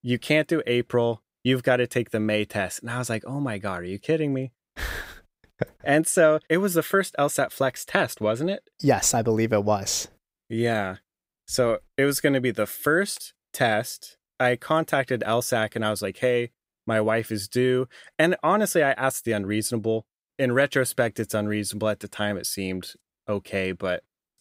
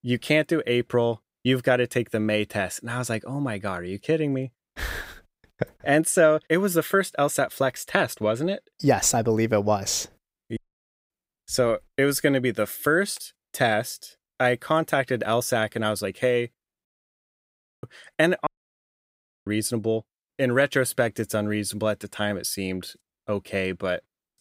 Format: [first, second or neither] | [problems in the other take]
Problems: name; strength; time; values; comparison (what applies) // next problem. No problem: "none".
first | audio cutting out; at 11 s for 0.5 s, at 17 s for 1 s and at 18 s for 1 s